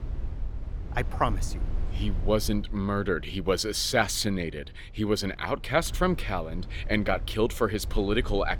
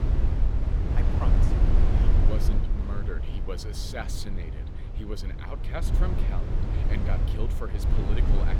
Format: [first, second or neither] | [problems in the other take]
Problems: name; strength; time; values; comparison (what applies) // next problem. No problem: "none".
first | low rumble; loud; throughout; as loud as the speech; faint in the first